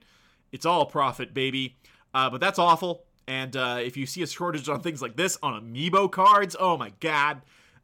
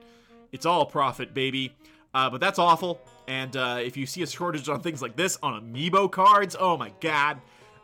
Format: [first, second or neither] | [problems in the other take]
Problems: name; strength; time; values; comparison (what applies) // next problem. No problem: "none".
first | background music; faint; throughout; 30 dB below the speech